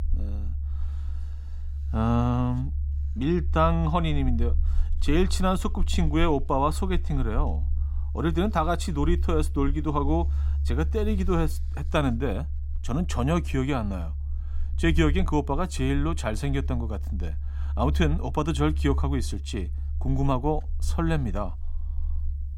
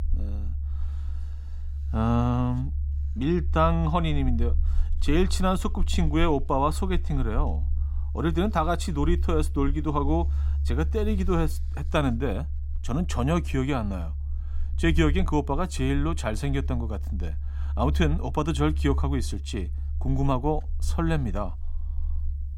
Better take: neither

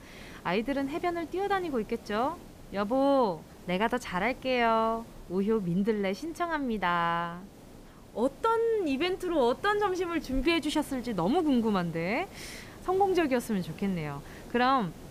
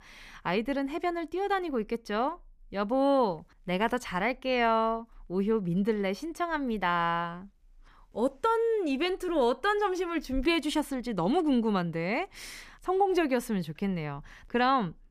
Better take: second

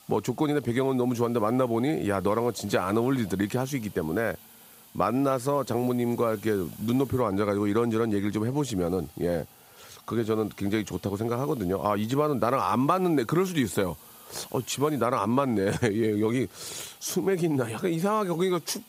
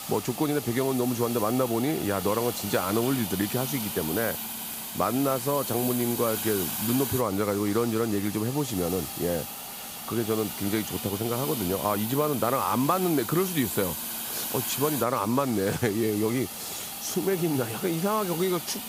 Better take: first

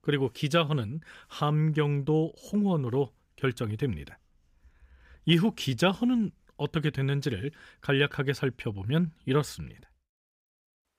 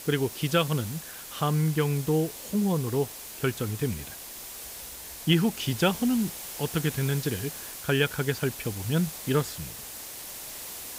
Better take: first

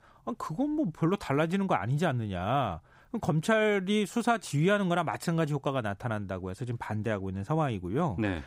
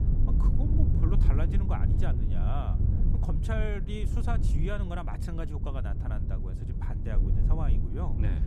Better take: first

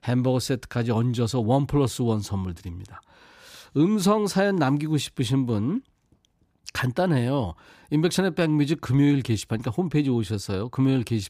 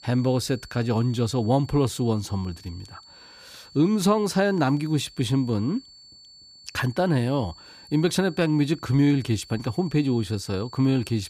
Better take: first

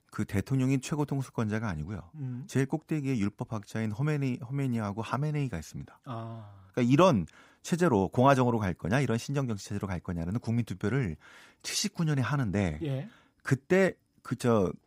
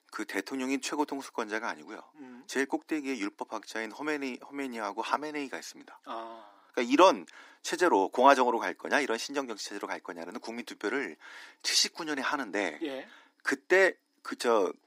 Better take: first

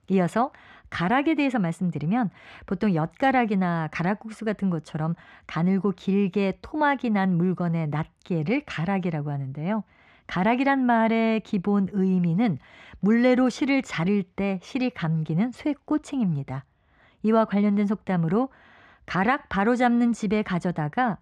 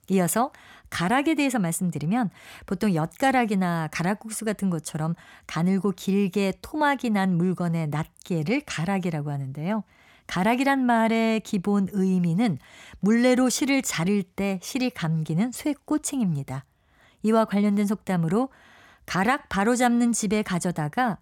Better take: second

